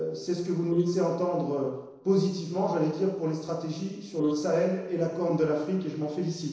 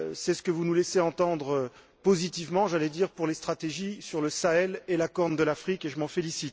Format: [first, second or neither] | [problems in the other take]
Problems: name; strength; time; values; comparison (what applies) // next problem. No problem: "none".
second | noise reduction (neural separator model SepFormer DNS4)